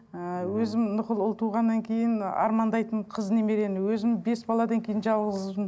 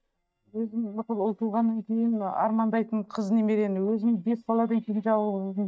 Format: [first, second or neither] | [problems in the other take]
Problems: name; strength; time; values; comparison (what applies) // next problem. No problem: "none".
first | noise reduction (neural mask model DeepFilterNet 3)